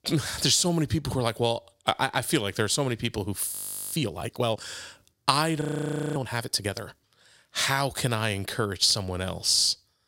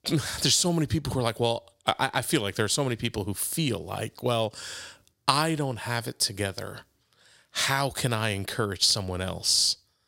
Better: second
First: audio freezing; at 3.5 s and at 5.5 s for 0.5 s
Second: none

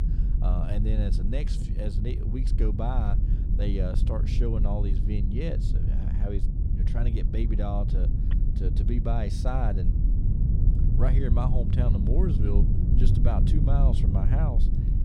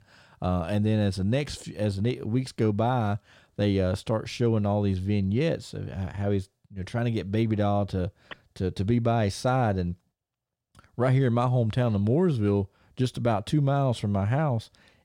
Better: second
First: low rumble; loud; throughout; 4 dB below the speech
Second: none

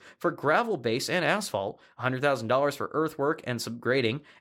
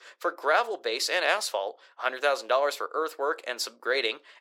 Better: first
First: none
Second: thin; very; fading below 450 Hz

